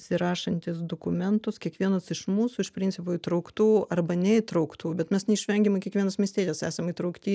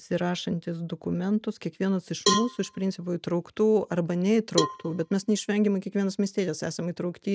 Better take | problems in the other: first | noise reduction (neural mask model RNNoise)

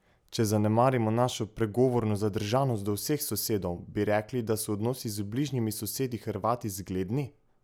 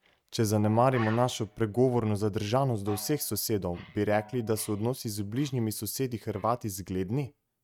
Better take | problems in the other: first | noise reduction (neural mask model RNNoise)

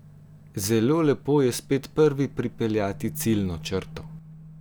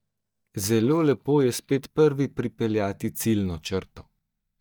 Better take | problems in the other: first | noise reduction (neural mask model DeepFilterNet 3)

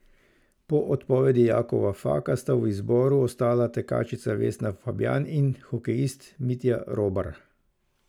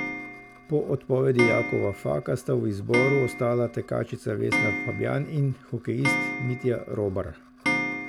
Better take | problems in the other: first | background sound (Clock); 5 dB below the speech

